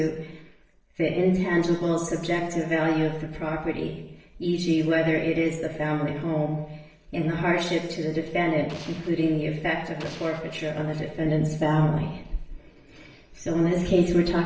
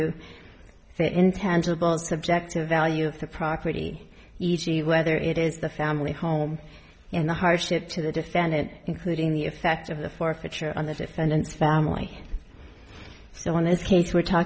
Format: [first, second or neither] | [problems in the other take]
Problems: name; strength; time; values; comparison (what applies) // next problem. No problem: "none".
second | noise reduction (neural separator model SepFormer DNS4)